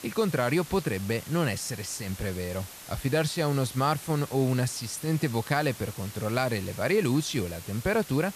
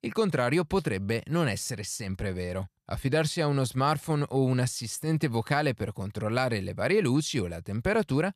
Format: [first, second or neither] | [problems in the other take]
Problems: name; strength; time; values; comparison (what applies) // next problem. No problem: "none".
second | hiss; noticeable; throughout; 15 dB below the speech